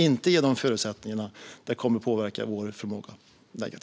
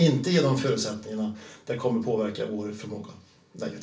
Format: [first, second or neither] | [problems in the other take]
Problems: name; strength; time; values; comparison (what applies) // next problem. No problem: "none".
first | room echo; dies away in 0.3 s